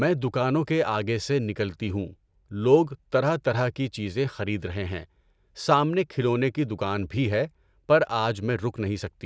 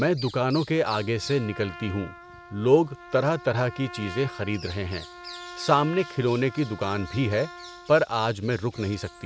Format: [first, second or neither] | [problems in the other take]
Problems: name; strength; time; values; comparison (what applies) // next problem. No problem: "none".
first | background sound (Bird vocalization, bird call, bird song + Trumpet); 16 dB below the speech